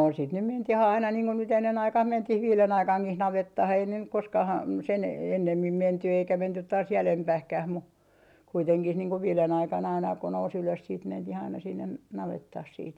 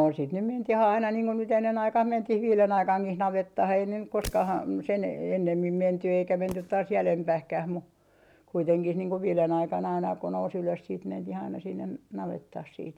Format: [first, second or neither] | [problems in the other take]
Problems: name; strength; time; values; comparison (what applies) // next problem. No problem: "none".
first | background sound (Fireworks); 19 dB below the speech